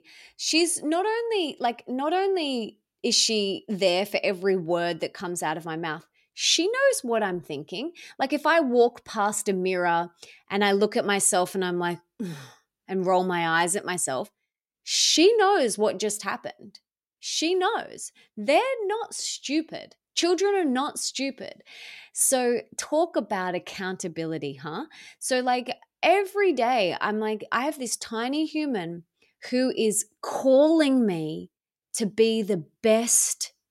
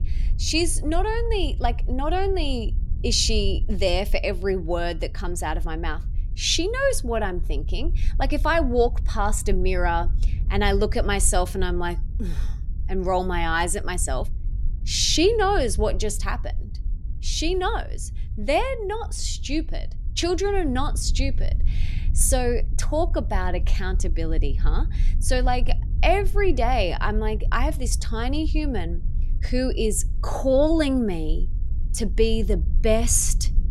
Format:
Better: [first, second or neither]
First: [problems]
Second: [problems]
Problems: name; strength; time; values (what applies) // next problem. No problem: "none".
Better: first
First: none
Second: low rumble; faint; throughout; 25 dB below the speech